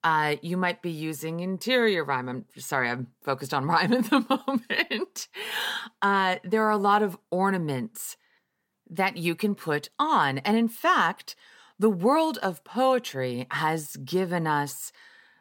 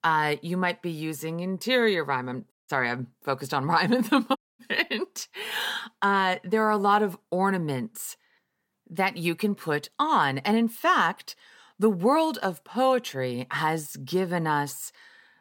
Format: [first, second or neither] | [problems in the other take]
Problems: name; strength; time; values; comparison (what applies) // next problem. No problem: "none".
first | audio cutting out; at 2.5 s and at 4.5 s